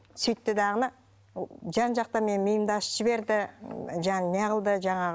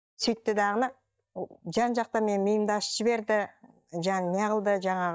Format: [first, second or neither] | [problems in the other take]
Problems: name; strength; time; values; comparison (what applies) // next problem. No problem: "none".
first | noise reduction (neural mask model DeepFilterNet 3)